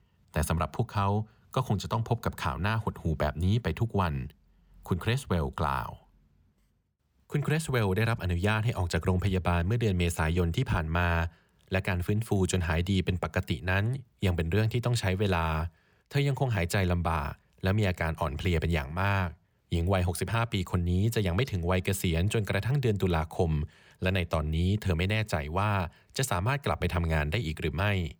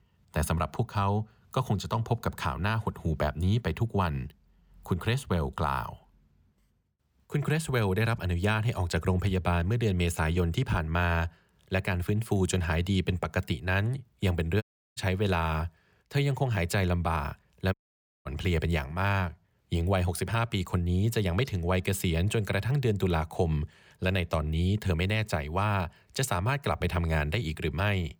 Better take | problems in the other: first | audio cutting out; at 15 s and at 18 s for 0.5 s

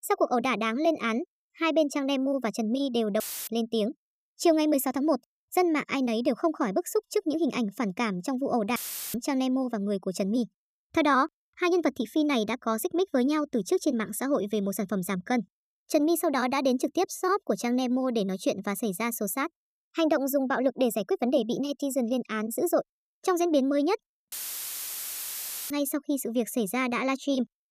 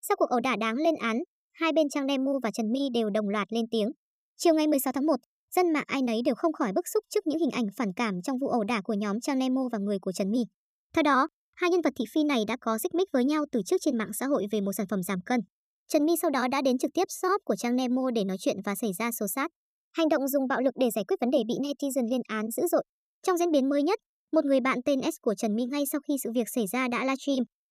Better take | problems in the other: second | audio cutting out; filled with static; at 3 s, at 9 s and at 24 s for 1.5 s

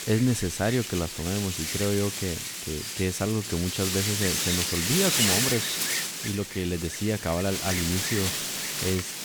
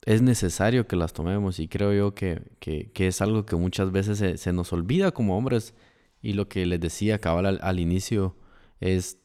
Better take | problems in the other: second | wind noise on the microphone; heavy; 4 dB above the speech

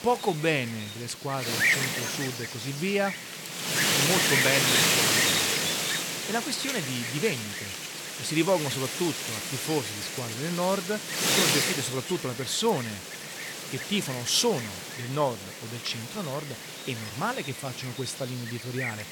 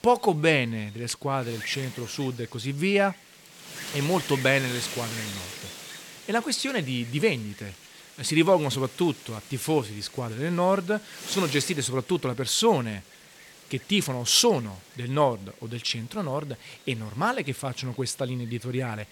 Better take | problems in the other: second | wind noise on the microphone; heavy; 3 dB above the speech; occasional gusts in the second

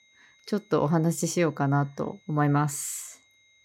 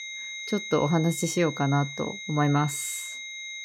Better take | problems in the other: first | high-pitched whine; loud; throughout; 2 kHz, 9 dB below the speech; faint in the first

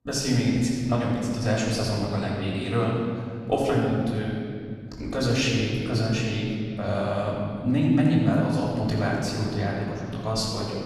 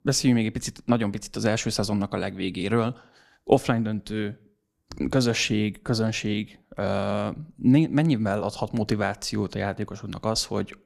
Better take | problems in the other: second | off-mic speech; far // room echo; noticeable; dies away in 2.3 s

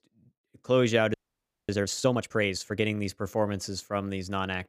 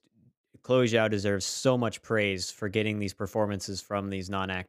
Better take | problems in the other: second | audio freezing; at 1 s for 0.5 s

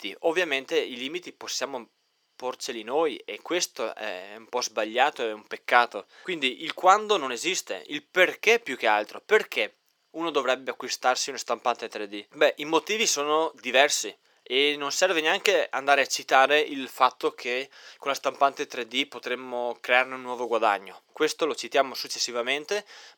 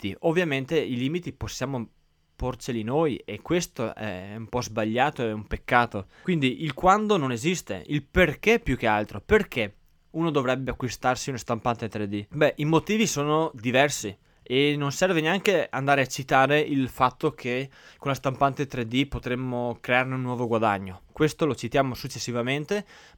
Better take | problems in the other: second | thin; somewhat; fading below 400 Hz

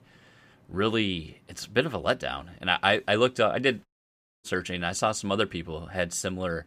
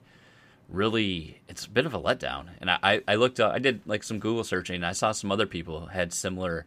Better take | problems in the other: second | audio cutting out; at 4 s for 0.5 s

